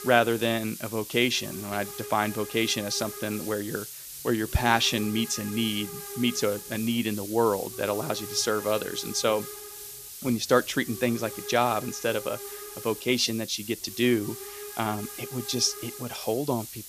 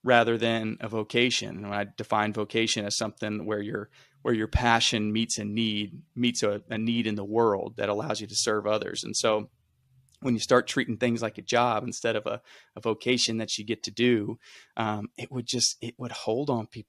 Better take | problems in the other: second | hiss; noticeable; throughout; 10 dB below the speech

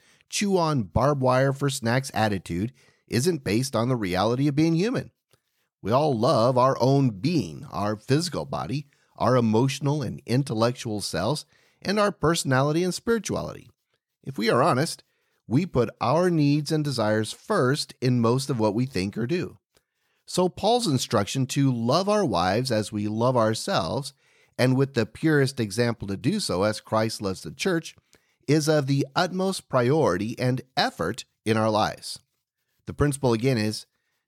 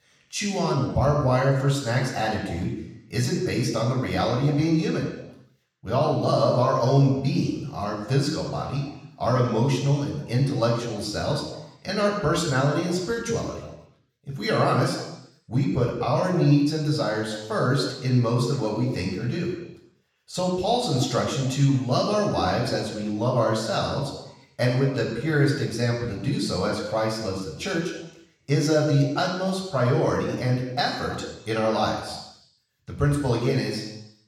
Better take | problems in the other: first | room echo; noticeable; dies away in 0.9 s // off-mic speech; far

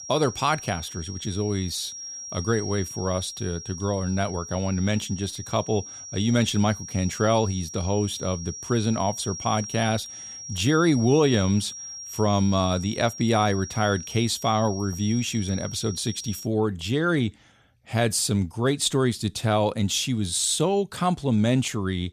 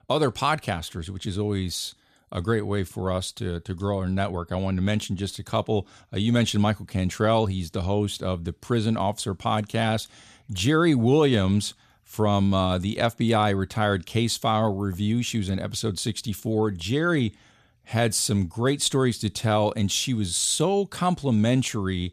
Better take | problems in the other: second | high-pitched whine; noticeable; until 16 s; 5.5 kHz, 10 dB below the speech

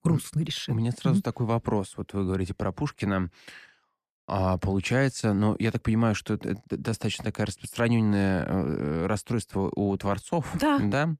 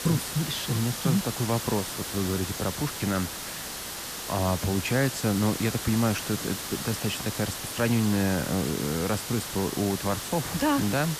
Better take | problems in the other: first | hiss; loud; throughout; 5 dB below the speech

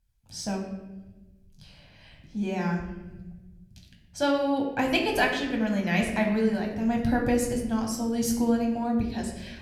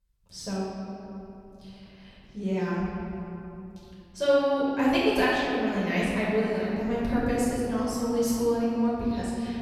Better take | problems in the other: first | room echo; strong; dies away in 2.7 s; slight in the first // off-mic speech; far; somewhat distant in the first

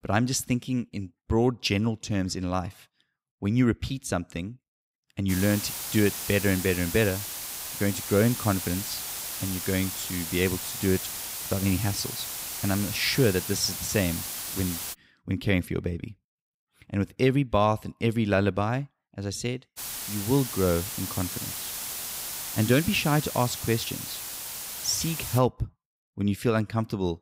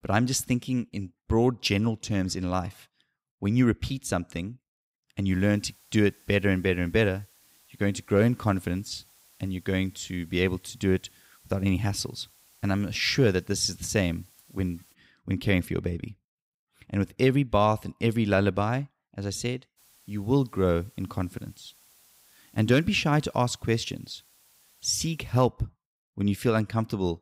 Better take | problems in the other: second | hiss; loud; from 5.5 to 15 s and from 20 to 25 s; 5 dB below the speech; faint in the second

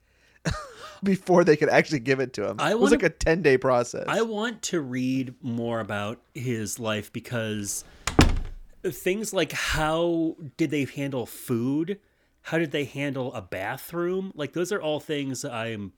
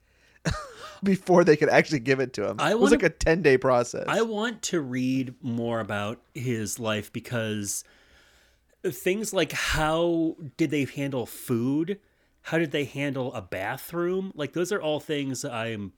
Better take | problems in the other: second | door banging; loud; at 8 s; peak 5 dB above the speech

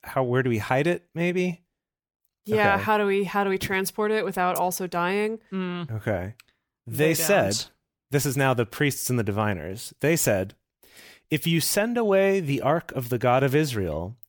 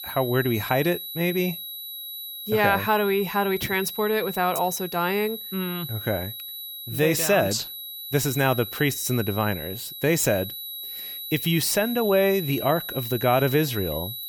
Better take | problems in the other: first | high-pitched whine; loud; throughout; 4 kHz, 9 dB below the speech

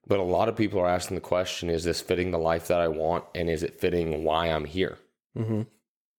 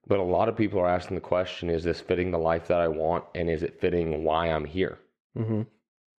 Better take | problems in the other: first | muffled; slightly; fading above 2.5 kHz

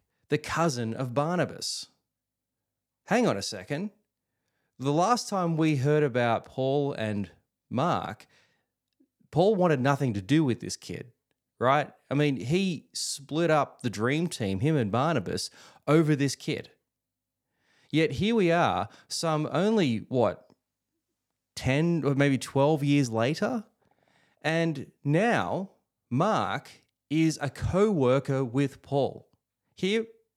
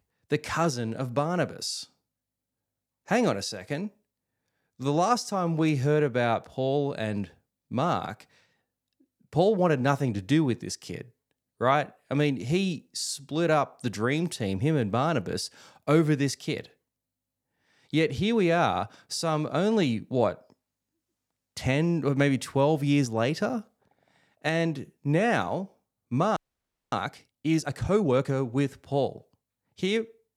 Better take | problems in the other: first | audio freezing; at 26 s for 0.5 s

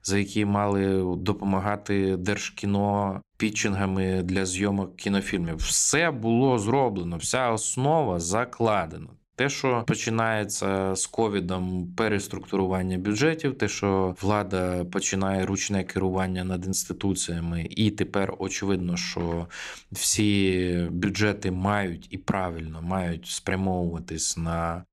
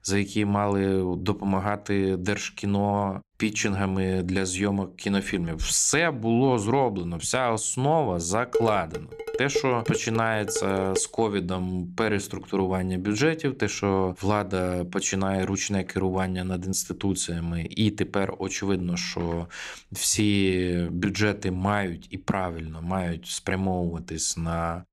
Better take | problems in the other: first | clattering dishes; noticeable; from 8.5 to 11 s; peak 3 dB below the speech

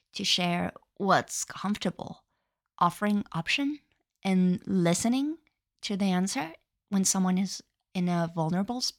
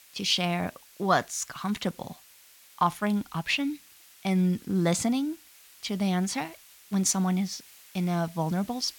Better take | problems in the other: first | hiss; faint; throughout; 25 dB below the speech

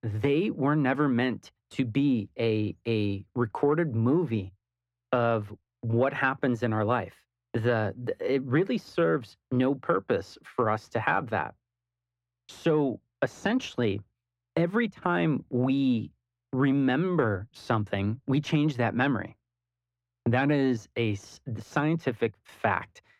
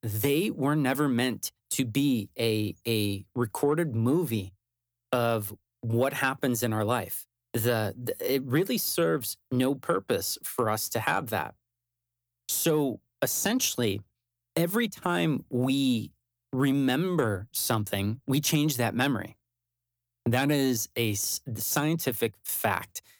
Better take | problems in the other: second | muffled; very; fading above 2 kHz

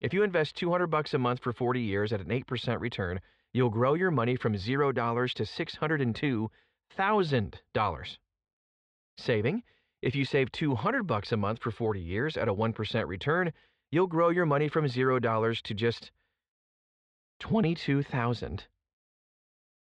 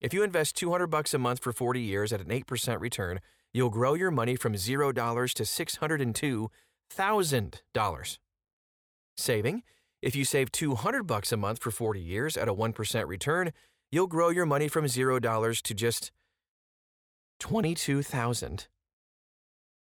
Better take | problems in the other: second | muffled; slightly; fading above 4 kHz

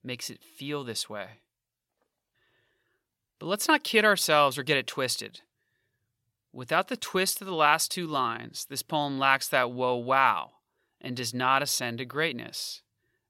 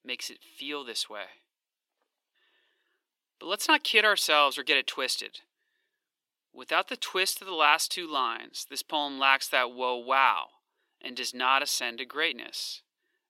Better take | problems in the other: first | thin; somewhat; fading below 300 Hz

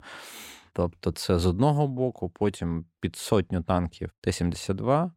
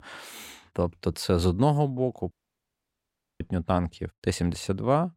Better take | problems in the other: first | audio cutting out; at 2.5 s for 1 s

